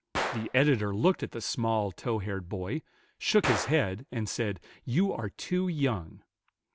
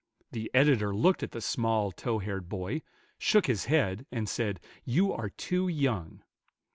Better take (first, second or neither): second